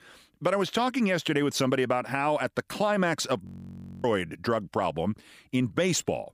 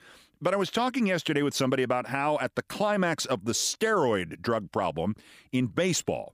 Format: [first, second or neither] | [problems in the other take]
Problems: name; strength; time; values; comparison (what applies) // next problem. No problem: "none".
second | audio freezing; at 3.5 s for 0.5 s